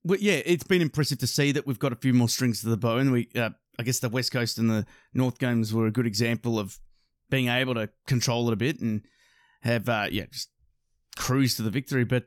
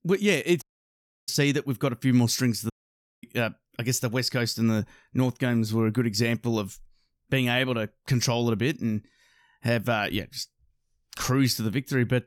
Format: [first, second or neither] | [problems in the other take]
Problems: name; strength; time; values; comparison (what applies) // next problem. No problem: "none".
first | audio cutting out; at 0.5 s for 0.5 s and at 2.5 s for 0.5 s